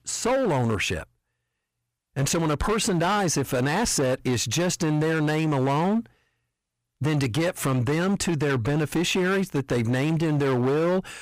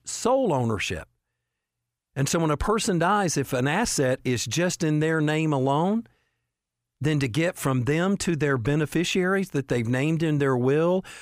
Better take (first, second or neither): second